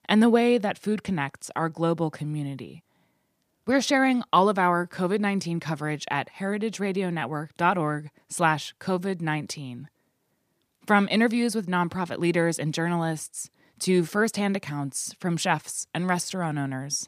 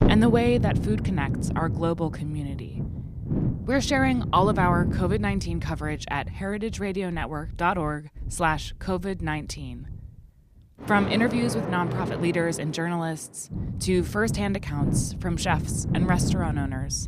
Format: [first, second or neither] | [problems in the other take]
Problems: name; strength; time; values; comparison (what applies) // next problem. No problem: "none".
first | rain or running water; loud; throughout; 3 dB below the speech